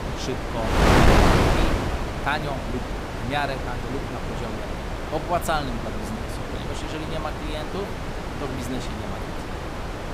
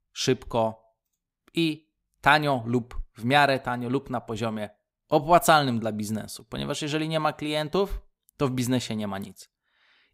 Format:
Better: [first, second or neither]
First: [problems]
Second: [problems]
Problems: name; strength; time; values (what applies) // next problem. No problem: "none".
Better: second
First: wind noise on the microphone; heavy; 3 dB above the speech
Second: none